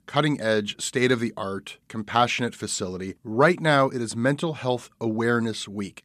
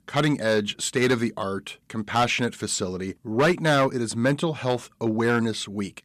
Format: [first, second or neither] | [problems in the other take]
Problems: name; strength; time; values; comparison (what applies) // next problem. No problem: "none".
first | distortion; slight; 4% of the sound clipped